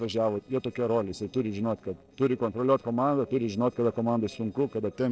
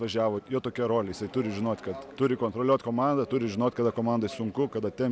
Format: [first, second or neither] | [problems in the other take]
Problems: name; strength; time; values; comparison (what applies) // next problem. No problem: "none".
second | noise reduction (neural separator model SepFormer DNS4)